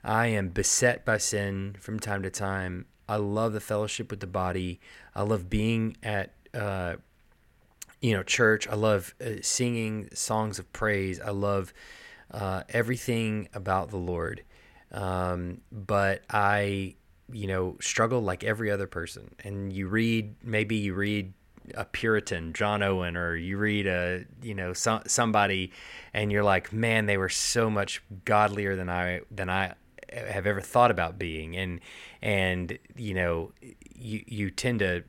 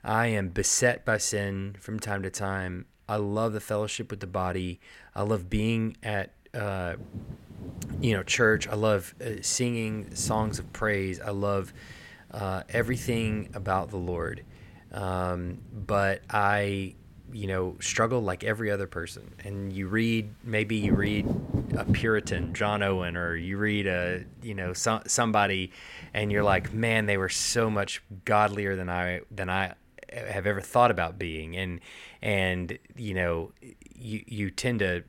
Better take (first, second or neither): first